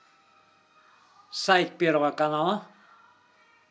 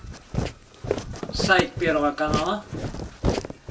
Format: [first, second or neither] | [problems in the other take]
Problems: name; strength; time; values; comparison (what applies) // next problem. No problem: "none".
first | background sound (Walk, footsteps); 2 dB below the speech // room echo; dies away in 0.2 s